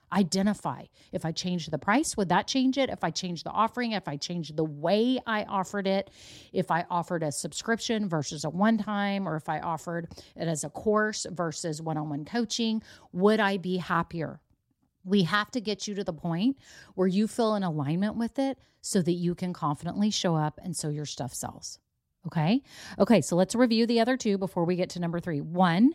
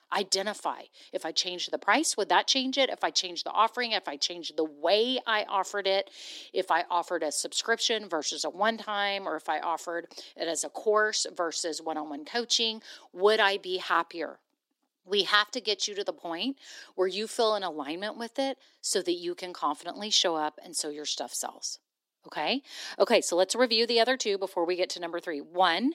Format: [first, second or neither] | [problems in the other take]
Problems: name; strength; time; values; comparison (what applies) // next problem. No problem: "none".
first | thin; somewhat; fading below 300 Hz